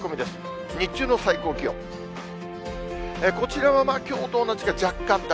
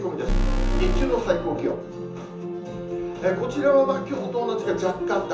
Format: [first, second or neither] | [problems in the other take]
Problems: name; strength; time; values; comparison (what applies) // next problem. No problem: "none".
first | background sound (Alarm); 2 dB above the speech // room echo; dies away in 0.7 s